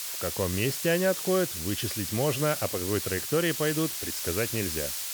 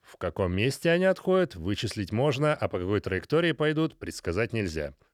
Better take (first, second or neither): second